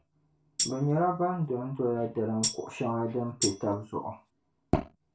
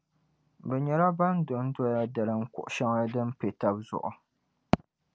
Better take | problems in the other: second | background sound (Tambourine); 5 dB below the speech // room echo; dies away in 0.3 s

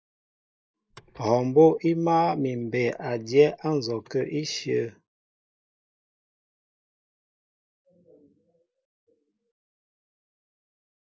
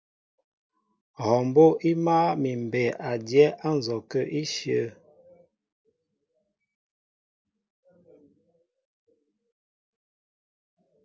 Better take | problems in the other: second | noise reduction (neural mask model Resemble Enhance denoiser)

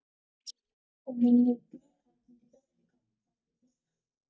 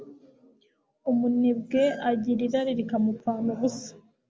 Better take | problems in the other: second | noise reduction (neural mask model DeepFilterNet 3)

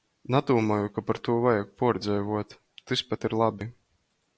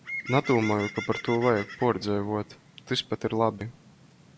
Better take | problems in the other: first | background sound (Bird); 12 dB below the speech

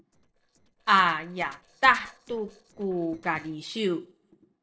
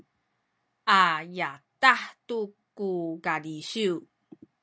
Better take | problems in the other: second | noise reduction (neural separator model SepFormer DNS4)

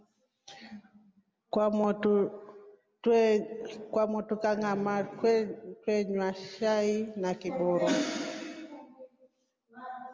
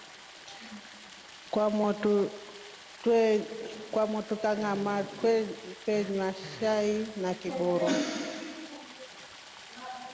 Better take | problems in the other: first | background sound (Fart + Stream); 17 dB below the speech

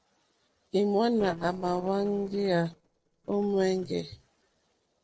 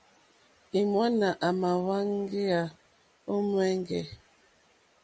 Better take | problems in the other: second | noise reduction (neural separator model SepFormer DNS4)

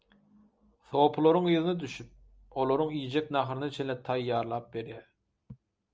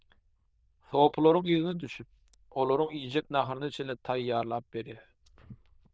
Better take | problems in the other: first | noise reduction (neural diffusion model UNIVERSE++)

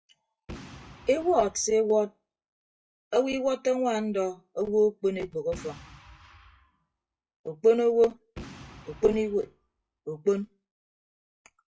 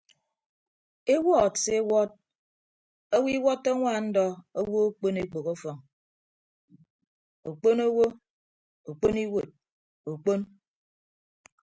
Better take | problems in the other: second | noise reduction (classical method WPE with log-MMSE)

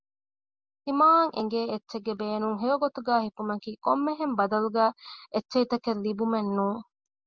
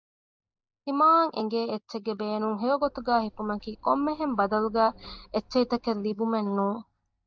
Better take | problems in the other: first | noise reduction (neural mask model DeepFilterNet 3)

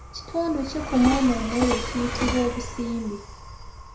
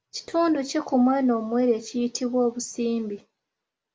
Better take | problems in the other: second | background sound (Train); 6 dB below the speech // room echo; dies away in 0.5 s

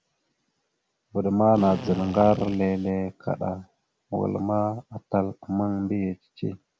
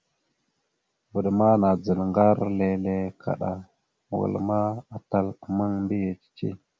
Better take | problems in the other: second | background sound (Drill); 11 dB below the speech

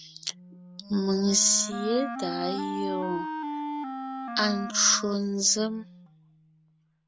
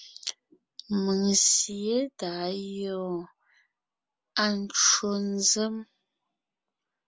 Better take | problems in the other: second | background sound (Wind instrument, woodwind instrument); 8 dB below the speech

